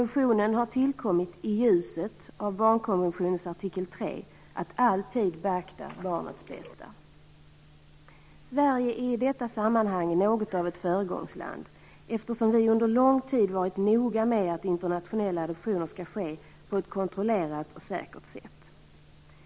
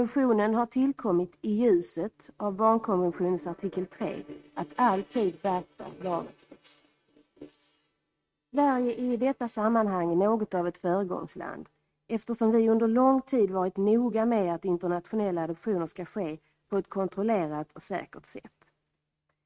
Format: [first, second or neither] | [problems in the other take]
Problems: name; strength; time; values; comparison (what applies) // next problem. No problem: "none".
first | noise reduction (neural mask model RNNoise)